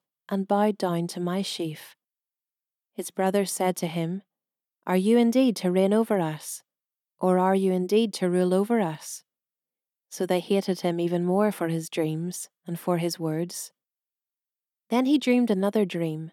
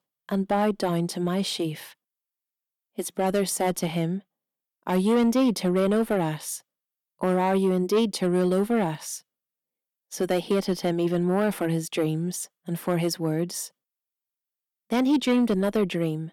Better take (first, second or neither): first